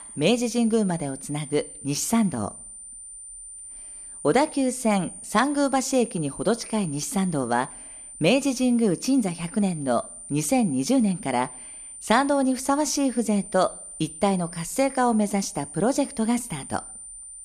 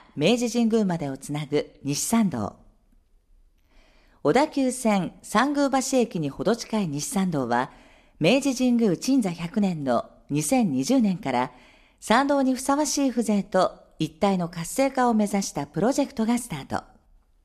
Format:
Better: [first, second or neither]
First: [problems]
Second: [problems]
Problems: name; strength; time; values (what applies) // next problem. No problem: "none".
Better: second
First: high-pitched whine; noticeable; throughout; 9 kHz, 15 dB below the speech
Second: none